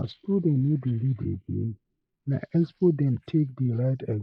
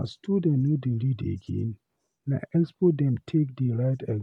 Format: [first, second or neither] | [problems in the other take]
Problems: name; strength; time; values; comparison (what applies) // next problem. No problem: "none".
second | noise reduction (neural mask model Resemble Enhance denoiser)